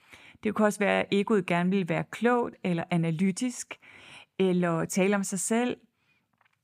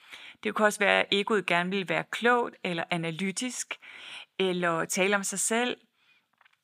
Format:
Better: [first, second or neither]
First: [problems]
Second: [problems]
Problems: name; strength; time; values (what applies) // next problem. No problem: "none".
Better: first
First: none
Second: thin; somewhat; fading below 550 Hz